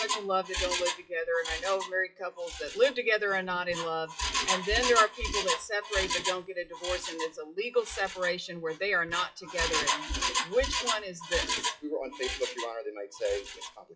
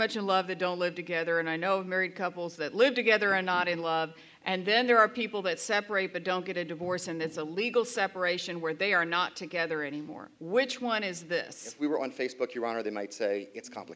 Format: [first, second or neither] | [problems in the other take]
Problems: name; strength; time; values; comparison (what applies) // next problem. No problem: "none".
second | noise reduction (classical method WPE with log-MMSE)